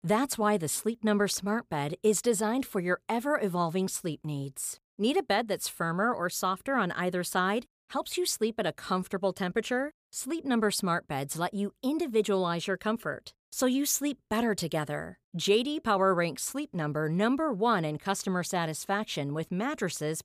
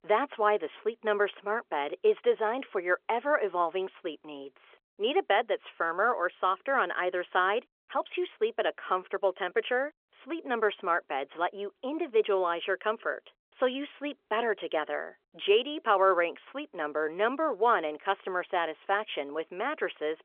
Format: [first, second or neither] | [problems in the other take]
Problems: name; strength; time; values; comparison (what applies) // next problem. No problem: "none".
first | phone-call audio; nothing above 3.5 kHz